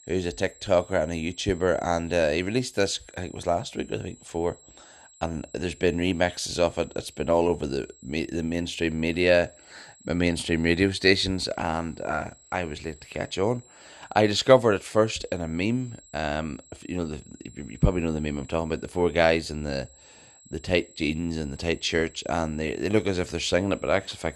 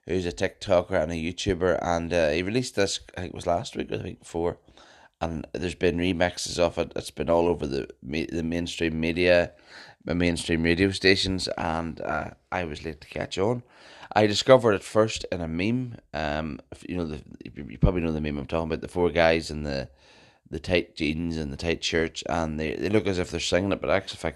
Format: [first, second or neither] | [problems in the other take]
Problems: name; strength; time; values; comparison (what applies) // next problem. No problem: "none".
second | high-pitched whine; faint; throughout; 7.5 kHz, 25 dB below the speech